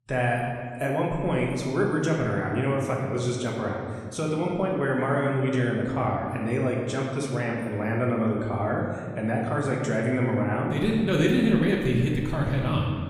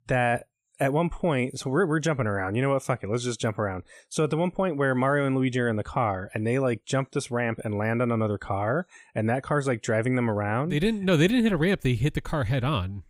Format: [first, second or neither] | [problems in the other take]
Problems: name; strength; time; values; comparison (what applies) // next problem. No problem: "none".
second | room echo; noticeable; dies away in 1.7 s // off-mic speech; somewhat distant